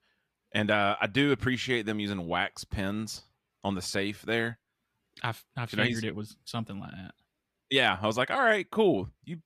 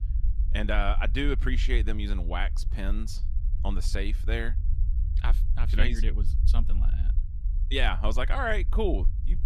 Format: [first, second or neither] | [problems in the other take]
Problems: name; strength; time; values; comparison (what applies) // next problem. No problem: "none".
first | low rumble; noticeable; throughout; 20 dB below the speech